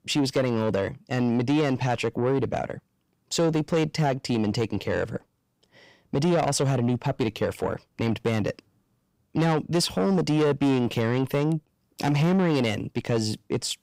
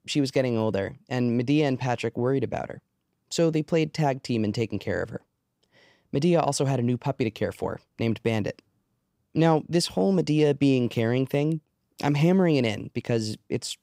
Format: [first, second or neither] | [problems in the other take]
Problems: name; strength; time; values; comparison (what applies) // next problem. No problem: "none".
second | distortion; slight; 9 dB below the speech